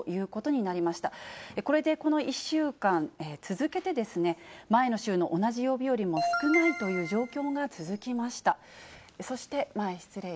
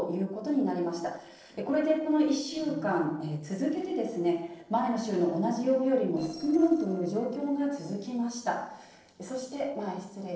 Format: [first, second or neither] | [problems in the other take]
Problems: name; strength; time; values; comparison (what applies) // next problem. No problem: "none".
first | noise reduction (neural separator model SepFormer DNS4)